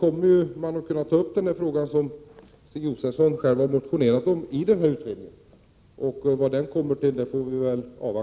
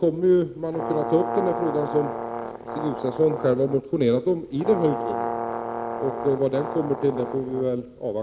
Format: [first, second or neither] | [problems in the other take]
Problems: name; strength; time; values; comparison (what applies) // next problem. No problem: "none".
first | background sound (Brass instrument); 7 dB below the speech